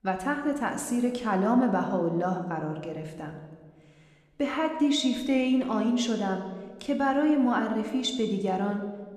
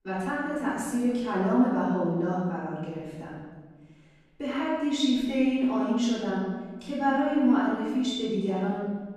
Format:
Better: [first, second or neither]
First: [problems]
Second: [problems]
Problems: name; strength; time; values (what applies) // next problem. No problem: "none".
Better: first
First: room echo; slight; dies away in 1.2 s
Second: room echo; strong; dies away in 1.3 s // off-mic speech; far